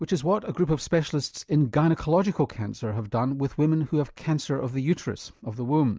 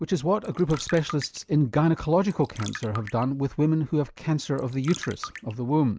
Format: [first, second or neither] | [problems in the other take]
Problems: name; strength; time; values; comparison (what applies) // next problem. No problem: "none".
first | background sound (Trickle, dribble); 17 dB below the speech